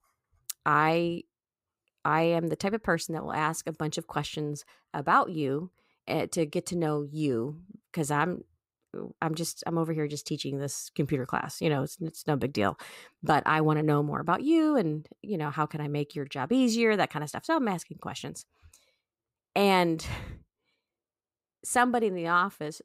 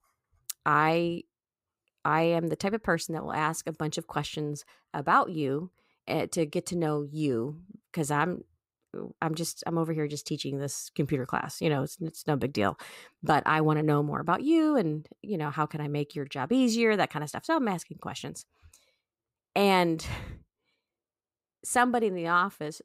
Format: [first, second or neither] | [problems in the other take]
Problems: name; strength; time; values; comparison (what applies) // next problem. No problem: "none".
neither | none